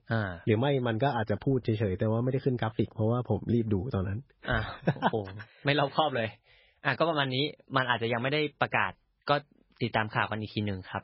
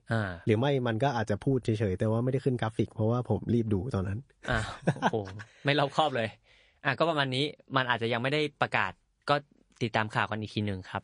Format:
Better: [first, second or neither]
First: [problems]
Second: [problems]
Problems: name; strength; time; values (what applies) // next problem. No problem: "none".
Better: second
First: garbled, watery; badly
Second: garbled, watery; slightly; nothing above 10.5 kHz